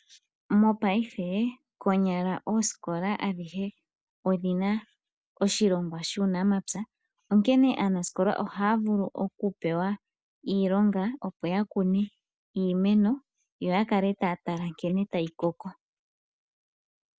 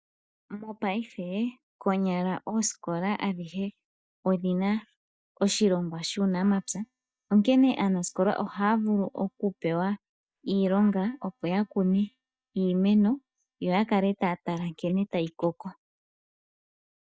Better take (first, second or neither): first